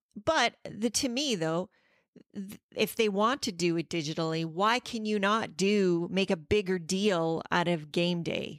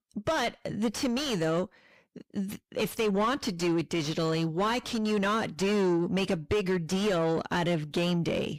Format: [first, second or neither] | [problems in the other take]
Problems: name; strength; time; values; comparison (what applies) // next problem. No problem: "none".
first | distortion; heavy; 7 dB below the speech